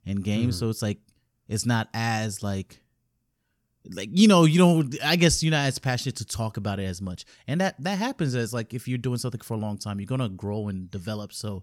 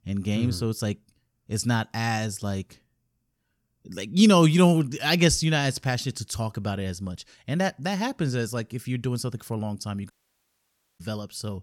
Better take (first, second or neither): first